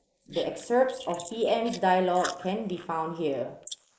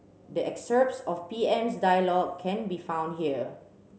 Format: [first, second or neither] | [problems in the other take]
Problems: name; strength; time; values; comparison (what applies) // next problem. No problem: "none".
second | noise reduction (neural mask model Resemble Enhance denoiser)